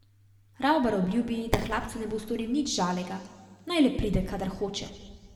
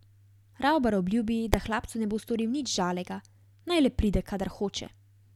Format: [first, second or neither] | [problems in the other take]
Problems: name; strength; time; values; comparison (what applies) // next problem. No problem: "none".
second | room echo; dies away in 1.3 s